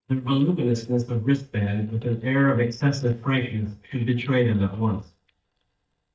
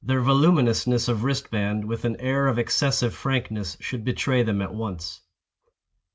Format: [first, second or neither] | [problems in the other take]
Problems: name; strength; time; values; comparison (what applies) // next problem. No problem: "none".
second | noise reduction (neural mask model DeepFilterNet 3)